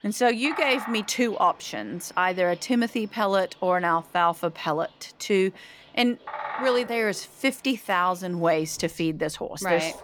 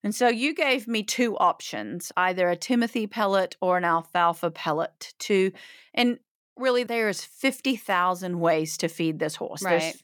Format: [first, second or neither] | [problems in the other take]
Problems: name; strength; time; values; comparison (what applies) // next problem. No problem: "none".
second | animal sounds; noticeable; throughout; 15 dB below the speech